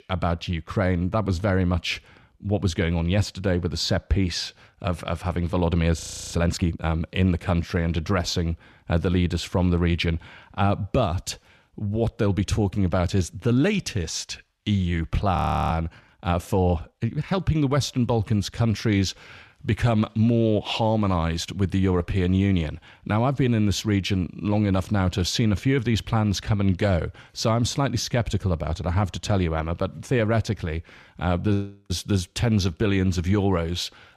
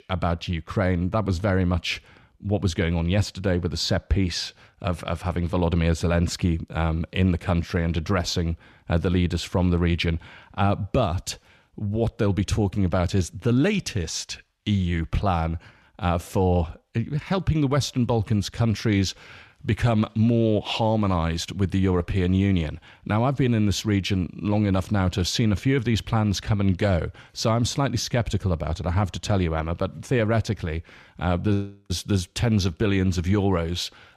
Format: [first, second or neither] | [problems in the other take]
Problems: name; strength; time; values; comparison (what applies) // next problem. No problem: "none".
second | audio freezing; at 6 s and at 15 s